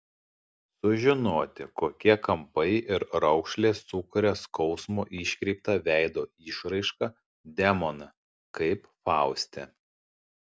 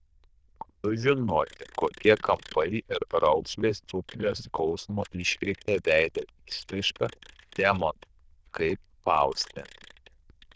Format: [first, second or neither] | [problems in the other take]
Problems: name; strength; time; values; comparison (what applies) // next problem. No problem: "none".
first | noise reduction (neural diffusion model UNIVERSE++)